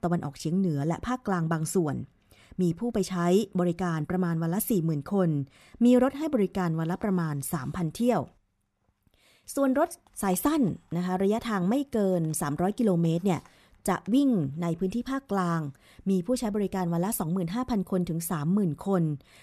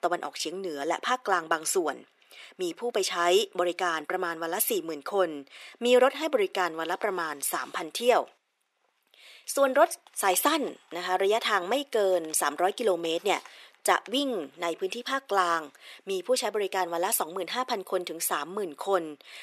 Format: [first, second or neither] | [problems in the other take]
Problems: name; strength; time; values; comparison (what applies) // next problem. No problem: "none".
first | thin; very; fading below 400 Hz